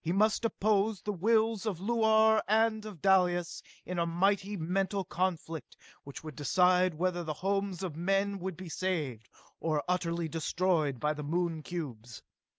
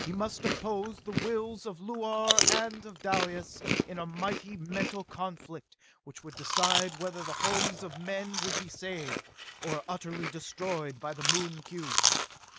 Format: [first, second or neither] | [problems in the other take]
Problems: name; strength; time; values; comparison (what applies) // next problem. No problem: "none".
first | background sound (Chewing, mastication); 2 dB above the speech